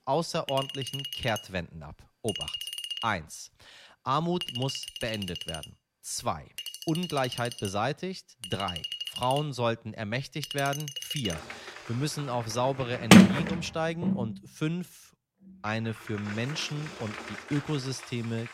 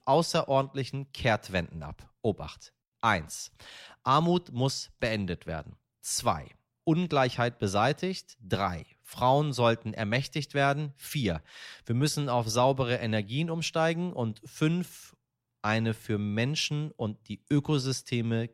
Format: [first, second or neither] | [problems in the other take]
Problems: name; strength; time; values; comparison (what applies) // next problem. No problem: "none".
second | household noises; very loud; throughout; 3 dB above the speech